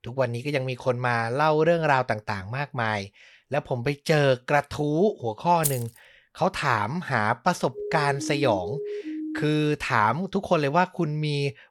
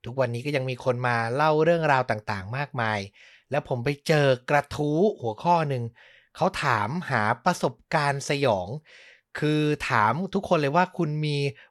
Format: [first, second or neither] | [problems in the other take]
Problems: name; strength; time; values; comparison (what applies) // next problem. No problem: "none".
second | jangling keys; noticeable; at 5.5 s; peak 4 dB below the speech // siren; noticeable; from 7.5 to 9.5 s; peak 8 dB below the speech